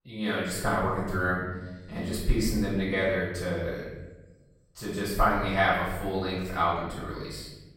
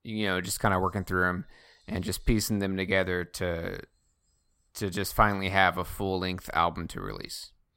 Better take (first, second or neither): second